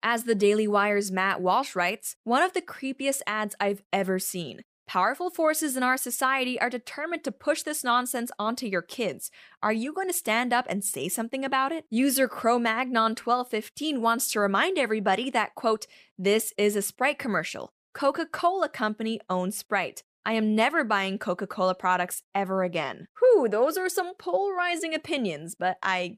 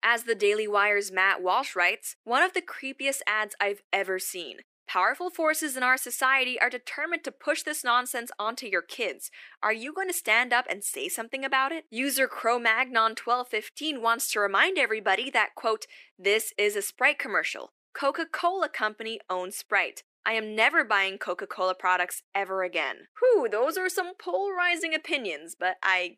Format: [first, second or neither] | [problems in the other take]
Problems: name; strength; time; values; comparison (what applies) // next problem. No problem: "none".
first | thin; somewhat; fading below 300 Hz